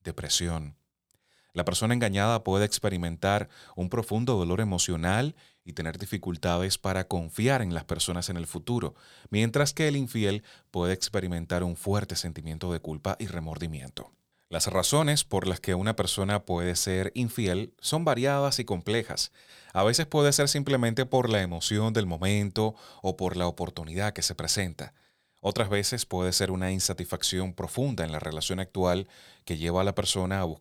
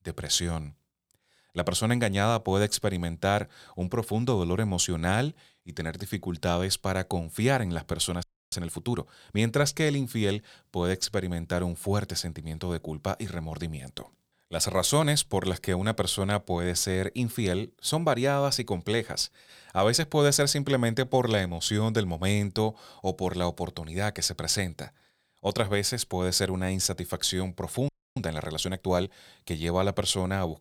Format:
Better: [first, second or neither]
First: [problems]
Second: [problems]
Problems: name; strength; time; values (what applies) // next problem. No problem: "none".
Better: first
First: none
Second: audio freezing; at 8 s and at 28 s